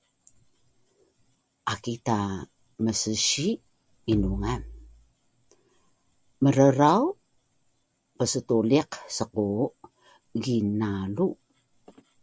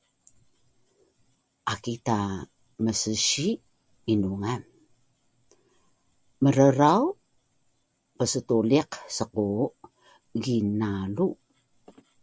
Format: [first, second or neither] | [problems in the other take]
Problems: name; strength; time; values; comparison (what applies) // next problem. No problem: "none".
second | background sound (Bass drum); 9 dB below the speech